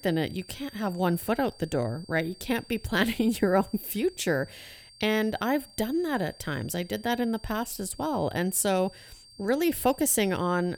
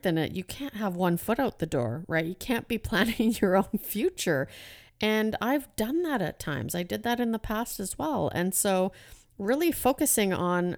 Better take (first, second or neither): second